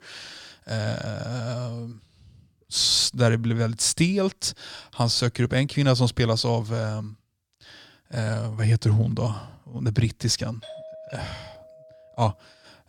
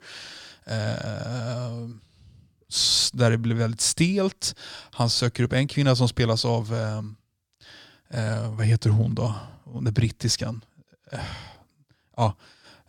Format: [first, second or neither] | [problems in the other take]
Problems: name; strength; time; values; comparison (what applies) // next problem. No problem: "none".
second | doorbell; faint; from 11 to 12 s; peak 15 dB below the speech